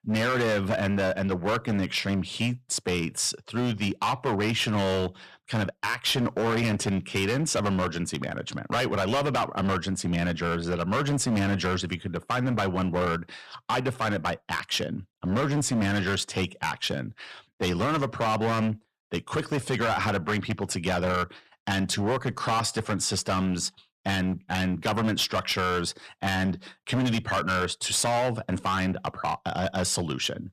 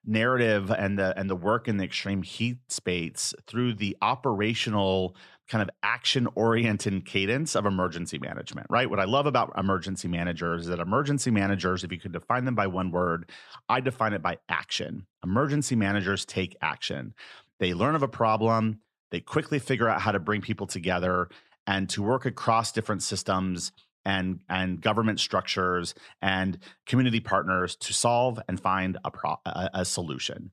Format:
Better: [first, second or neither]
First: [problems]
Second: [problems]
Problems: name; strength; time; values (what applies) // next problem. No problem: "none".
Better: second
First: distortion; heavy; 14% of the sound clipped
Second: none